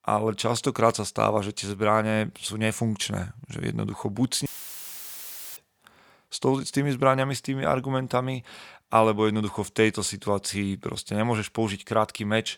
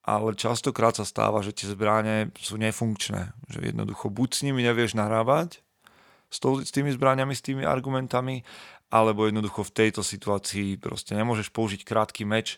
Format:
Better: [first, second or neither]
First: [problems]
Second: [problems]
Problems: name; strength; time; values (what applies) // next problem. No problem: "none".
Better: second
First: audio cutting out; filled with static; at 4.5 s for 1 s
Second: none